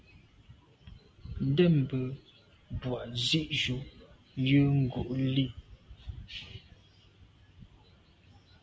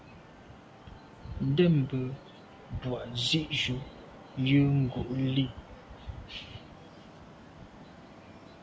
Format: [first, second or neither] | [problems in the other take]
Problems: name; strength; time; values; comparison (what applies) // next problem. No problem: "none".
first | background sound (Traffic noise, roadway noise); 19 dB below the speech